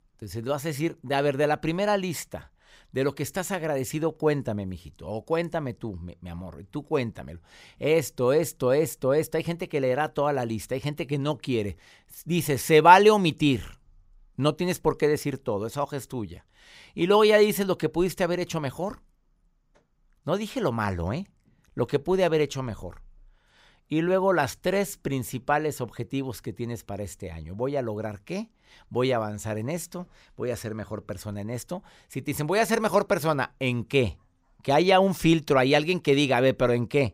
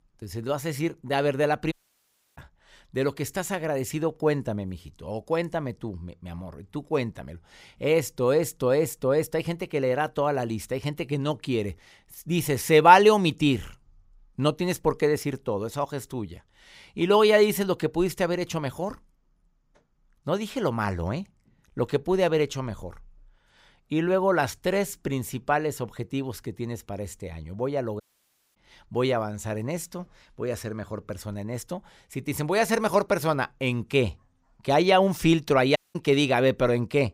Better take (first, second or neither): first